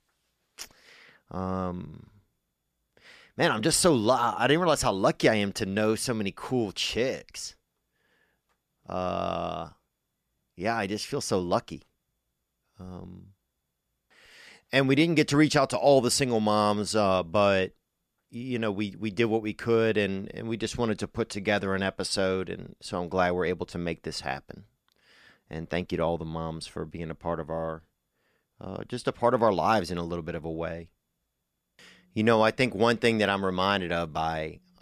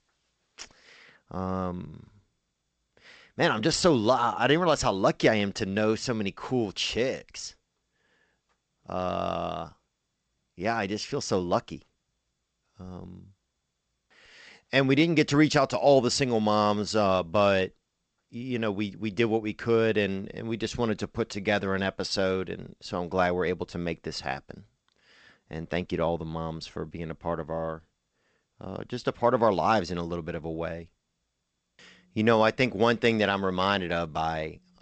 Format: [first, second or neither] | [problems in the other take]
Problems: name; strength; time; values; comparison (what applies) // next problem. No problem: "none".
first | garbled, watery; slightly; nothing above 8 kHz